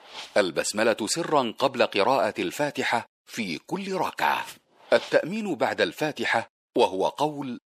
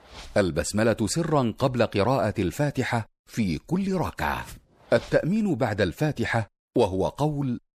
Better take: second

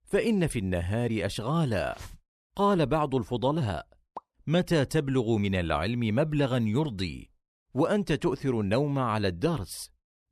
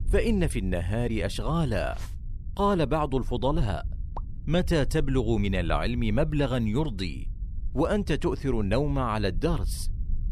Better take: first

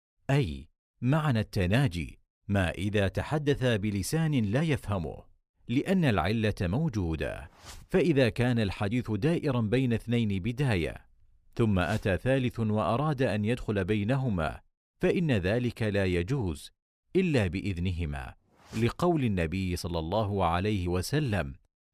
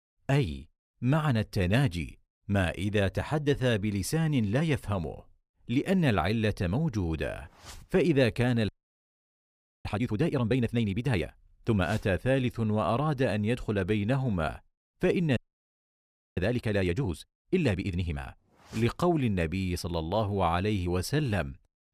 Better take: first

